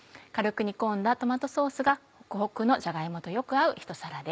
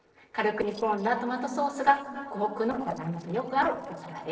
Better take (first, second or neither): first